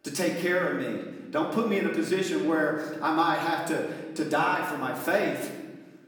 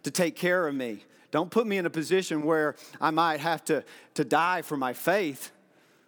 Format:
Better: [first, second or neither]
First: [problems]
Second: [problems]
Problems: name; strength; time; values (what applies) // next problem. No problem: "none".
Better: second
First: room echo; noticeable; dies away in 1.1 s // off-mic speech; far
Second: none